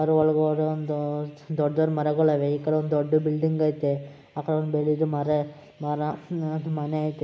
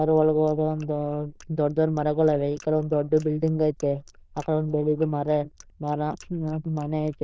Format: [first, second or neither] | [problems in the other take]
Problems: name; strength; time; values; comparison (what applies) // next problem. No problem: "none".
first | noise reduction (neural diffusion model UNIVERSE++)